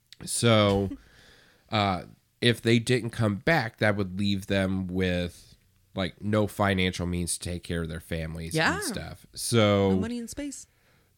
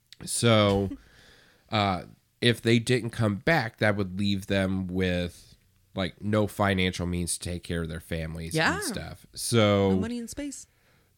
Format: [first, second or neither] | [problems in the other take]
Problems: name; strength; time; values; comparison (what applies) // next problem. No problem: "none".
neither | none